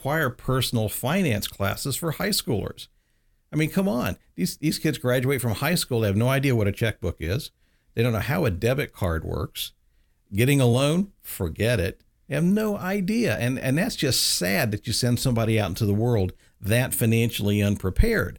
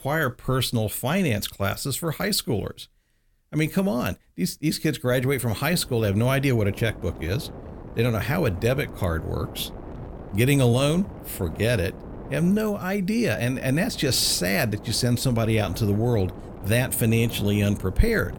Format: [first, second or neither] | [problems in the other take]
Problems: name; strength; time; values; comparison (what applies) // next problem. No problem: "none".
first | wind noise on the microphone; occasional gusts; from 5 s on; 15 dB below the speech